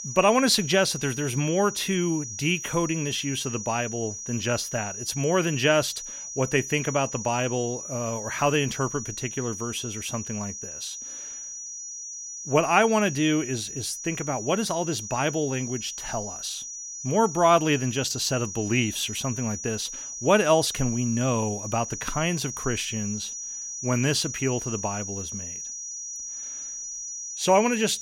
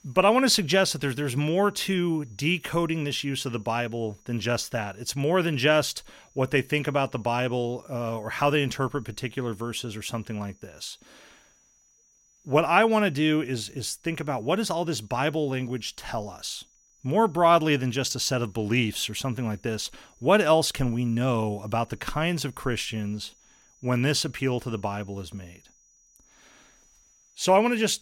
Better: second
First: high-pitched whine; loud; throughout; 6 kHz, 8 dB below the speech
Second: high-pitched whine; faint; throughout; 6 kHz, 35 dB below the speech

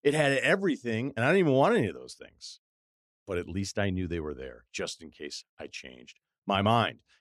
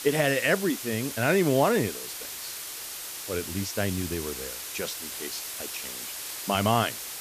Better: first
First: none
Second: hiss; loud; throughout; 7 dB below the speech

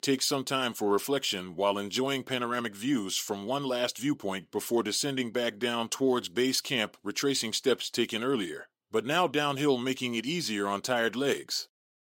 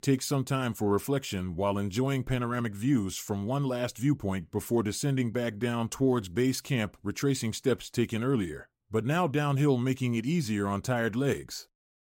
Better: second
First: thin; very slightly; fading below 300 Hz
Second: none

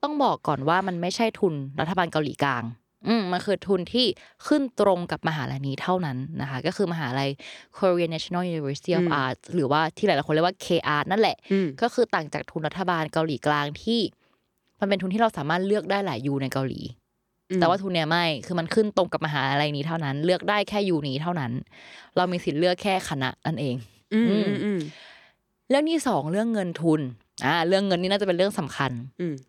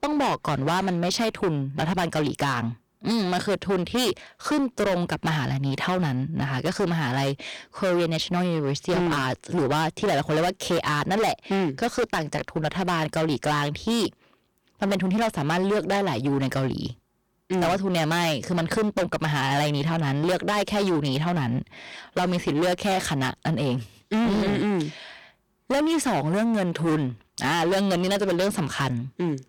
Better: first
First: none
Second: distortion; heavy; 21% of the sound clipped

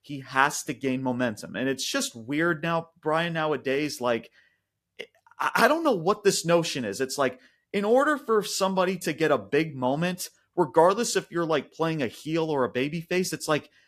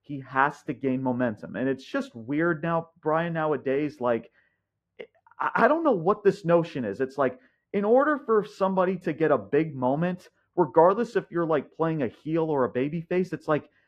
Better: first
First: none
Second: muffled; very; fading above 3.5 kHz

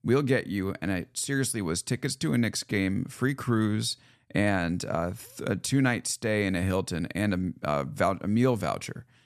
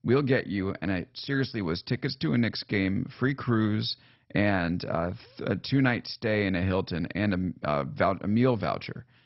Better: first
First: none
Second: garbled, watery; badly; nothing above 5.5 kHz

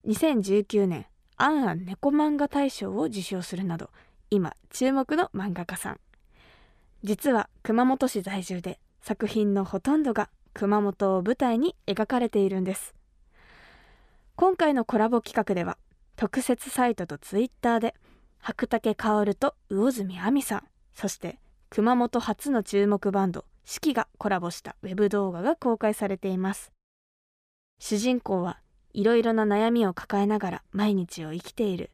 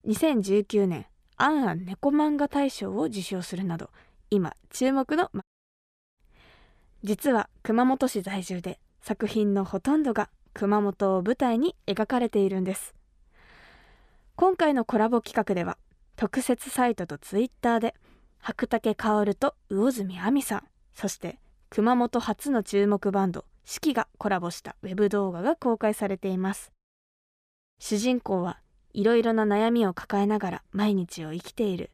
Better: first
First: none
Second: audio cutting out; at 5.5 s for 1 s

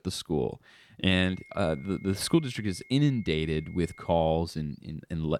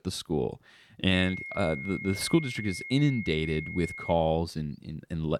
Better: first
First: high-pitched whine; faint; from 1 to 4 s; 2 kHz, 25 dB below the speech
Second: high-pitched whine; loud; from 1 to 4 s; 2 kHz, 9 dB below the speech

